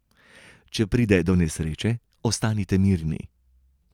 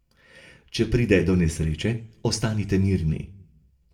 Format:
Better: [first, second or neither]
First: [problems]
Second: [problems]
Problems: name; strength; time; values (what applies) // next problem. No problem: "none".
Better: first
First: none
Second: room echo; dies away in 0.3 s